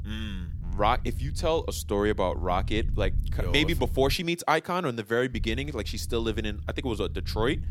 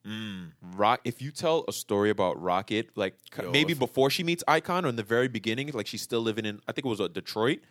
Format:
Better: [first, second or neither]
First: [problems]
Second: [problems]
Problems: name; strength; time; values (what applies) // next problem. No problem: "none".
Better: second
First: low rumble; faint; until 4 s and from 5.5 s on; 25 dB below the speech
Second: none